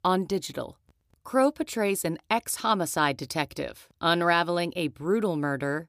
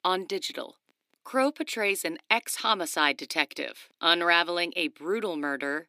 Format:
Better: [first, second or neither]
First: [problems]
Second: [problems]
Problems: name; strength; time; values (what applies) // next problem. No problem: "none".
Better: first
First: none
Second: thin; very slightly; fading below 250 Hz